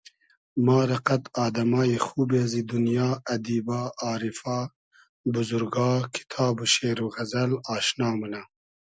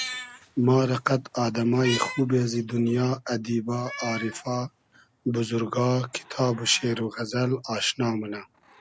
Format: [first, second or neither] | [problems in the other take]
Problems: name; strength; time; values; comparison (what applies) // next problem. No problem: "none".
first | background sound (Meow); 15 dB below the speech